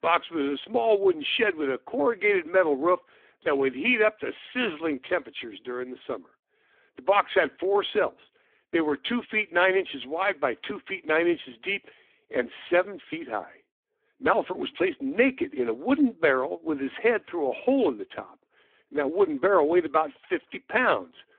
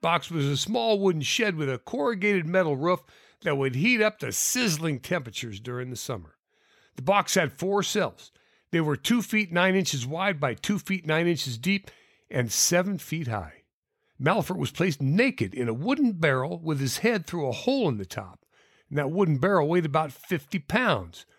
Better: second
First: phone-call audio; poor line; nothing above 3.5 kHz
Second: none

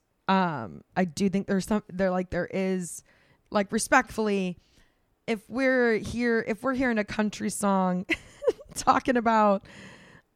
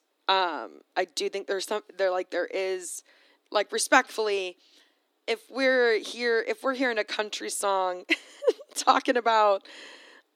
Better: first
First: none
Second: thin; somewhat; fading below 300 Hz

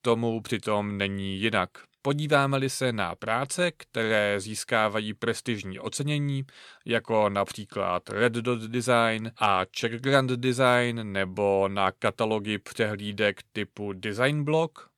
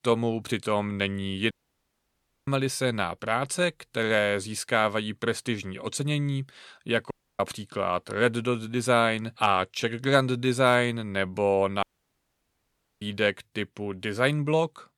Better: first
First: none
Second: audio cutting out; at 1.5 s for 1 s, at 7 s and at 12 s for 1 s

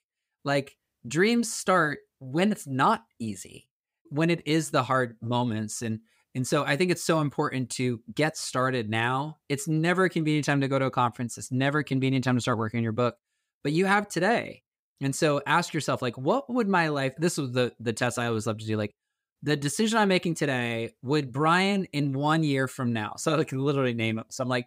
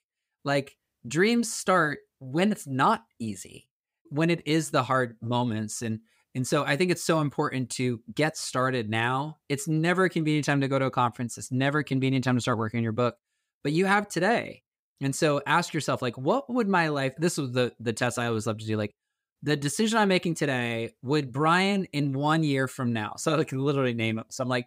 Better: neither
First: none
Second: none

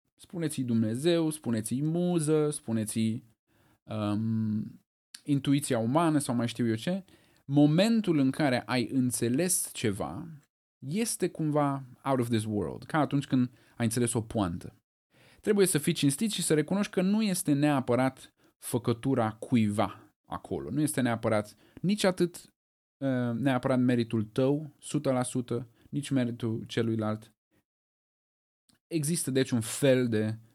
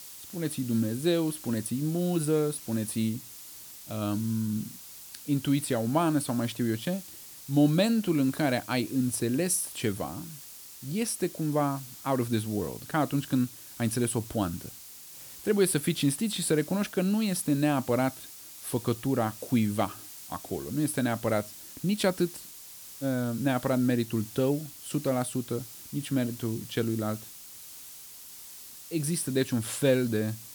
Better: first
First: none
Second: hiss; noticeable; throughout; 15 dB below the speech

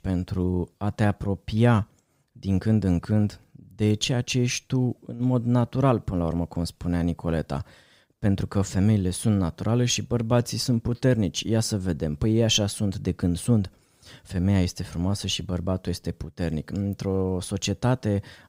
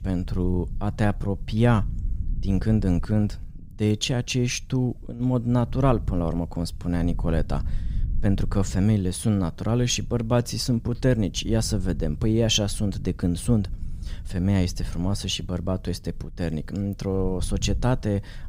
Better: first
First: none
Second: low rumble; faint; throughout; 25 dB below the speech

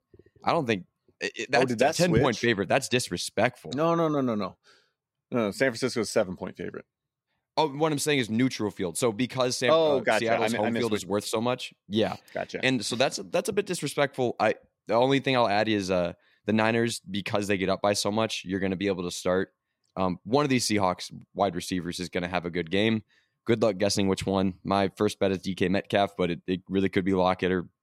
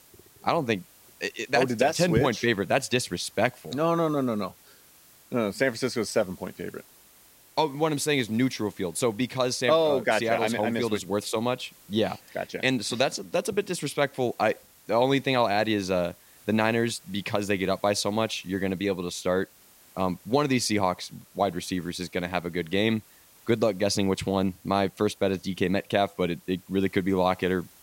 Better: first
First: none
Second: hiss; faint; throughout; 25 dB below the speech

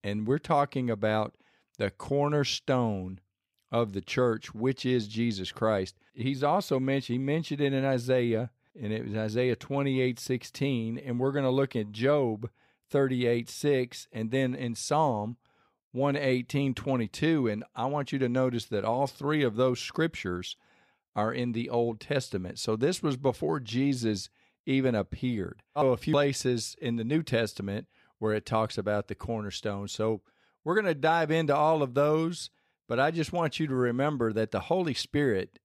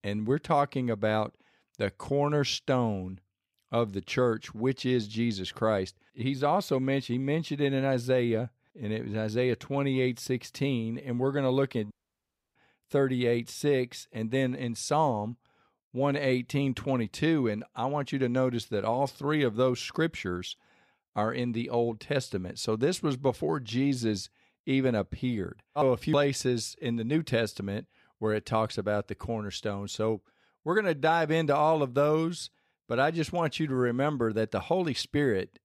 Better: first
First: none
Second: audio cutting out; at 12 s for 0.5 s

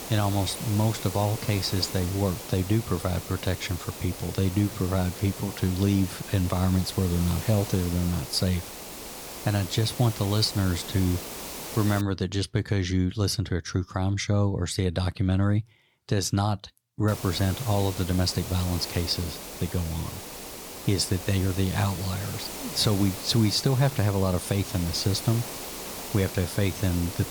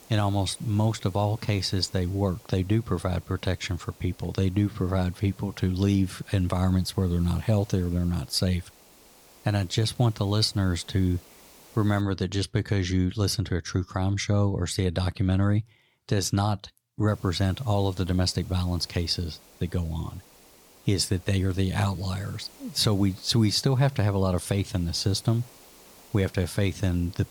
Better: second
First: hiss; loud; until 12 s and from 17 s on; 9 dB below the speech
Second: hiss; faint; until 12 s and from 17 s on; 25 dB below the speech

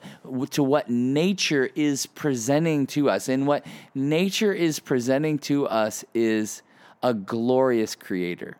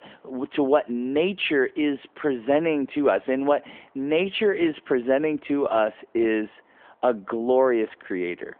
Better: first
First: none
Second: phone-call audio

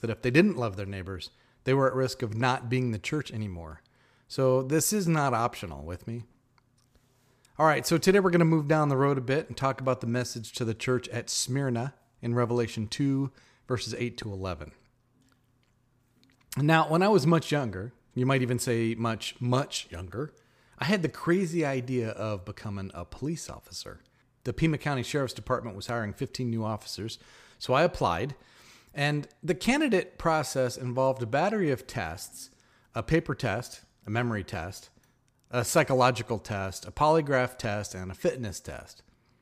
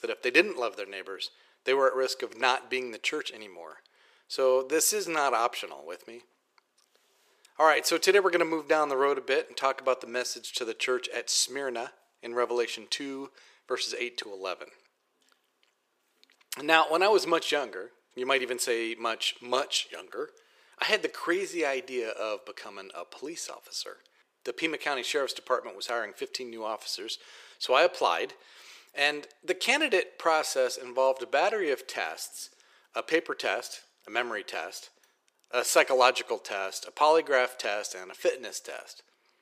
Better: first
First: none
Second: thin; very; fading below 400 Hz

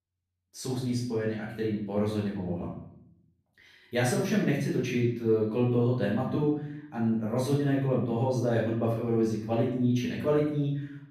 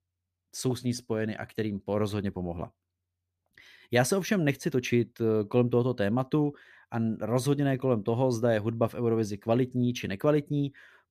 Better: second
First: off-mic speech; far // room echo; noticeable; dies away in 0.6 s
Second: none

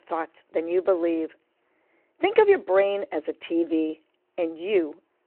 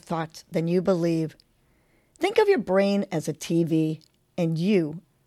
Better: second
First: phone-call audio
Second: none

